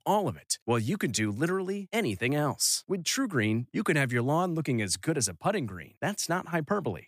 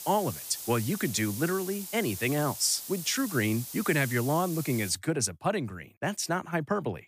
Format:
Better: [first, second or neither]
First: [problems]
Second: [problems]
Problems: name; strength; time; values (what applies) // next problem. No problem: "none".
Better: first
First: none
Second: hiss; loud; until 5 s; 9 dB below the speech